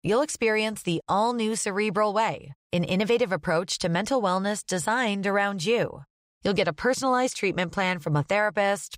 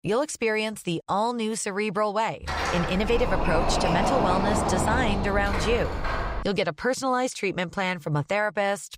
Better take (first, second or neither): first